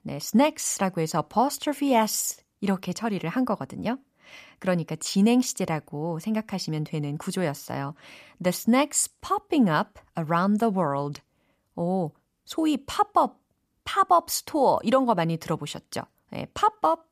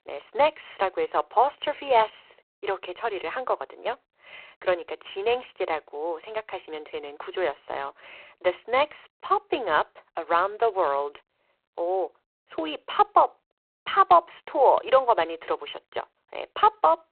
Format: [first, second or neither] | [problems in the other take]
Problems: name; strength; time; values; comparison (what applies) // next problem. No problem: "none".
first | phone-call audio; poor line